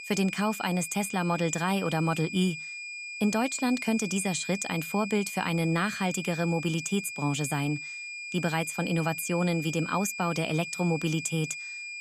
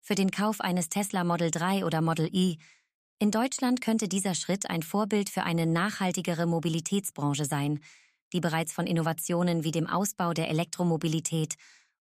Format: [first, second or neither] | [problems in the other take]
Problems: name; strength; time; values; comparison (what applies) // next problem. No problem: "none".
second | high-pitched whine; loud; throughout; 2.5 kHz, 8 dB below the speech